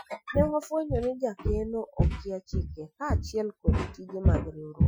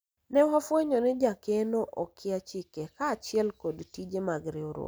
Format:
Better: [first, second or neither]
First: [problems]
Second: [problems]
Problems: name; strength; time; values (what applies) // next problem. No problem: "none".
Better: second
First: noise reduction (classical method Wiener filter)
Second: none